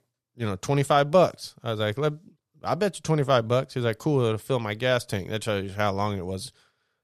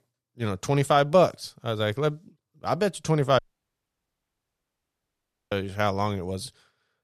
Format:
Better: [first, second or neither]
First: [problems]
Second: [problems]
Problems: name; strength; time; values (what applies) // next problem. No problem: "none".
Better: first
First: none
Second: audio cutting out; at 3.5 s for 2 s